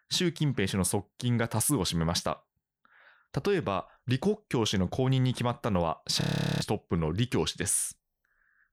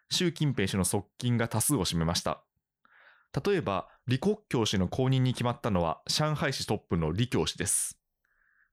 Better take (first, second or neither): second